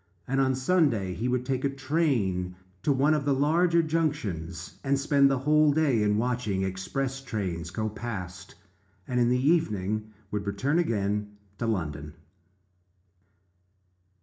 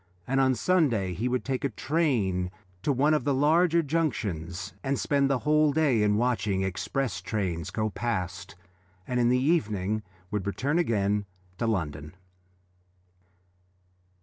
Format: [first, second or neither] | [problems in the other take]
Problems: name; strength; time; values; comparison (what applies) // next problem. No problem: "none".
second | room echo; dies away in 0.4 s